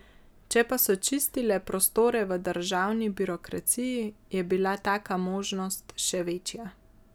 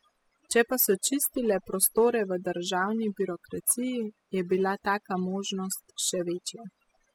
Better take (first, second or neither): first